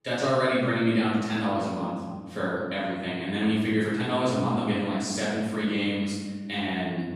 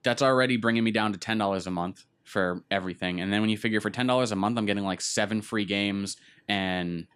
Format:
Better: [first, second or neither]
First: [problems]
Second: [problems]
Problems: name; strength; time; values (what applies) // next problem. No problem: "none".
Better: second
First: off-mic speech; far // room echo; strong; dies away in 1.5 s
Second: none